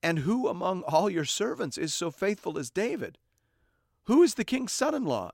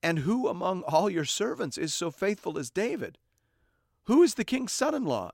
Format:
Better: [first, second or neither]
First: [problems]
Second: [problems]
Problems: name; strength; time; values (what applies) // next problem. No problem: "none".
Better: neither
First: none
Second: none